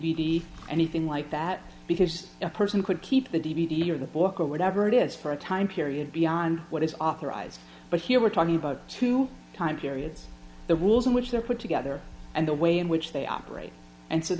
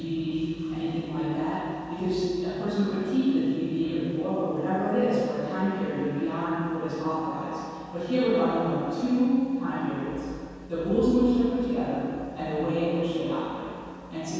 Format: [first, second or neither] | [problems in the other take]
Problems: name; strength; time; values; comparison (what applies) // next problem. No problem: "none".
first | room echo; dies away in 2.1 s